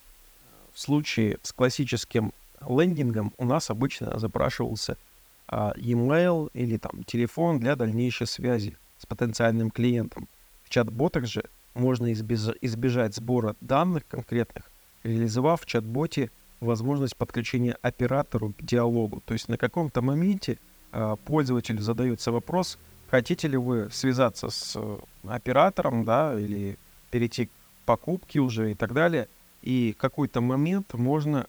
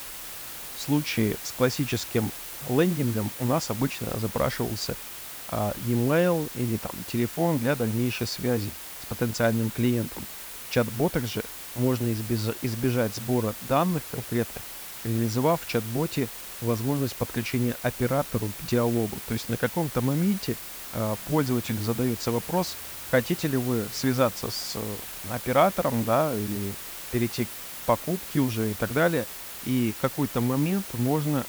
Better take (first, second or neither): first